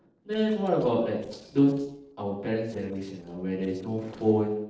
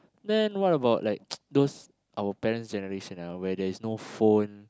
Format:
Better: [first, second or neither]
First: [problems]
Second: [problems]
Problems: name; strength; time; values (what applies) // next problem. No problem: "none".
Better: second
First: noise reduction (neural separator model SepFormer DNS4)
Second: none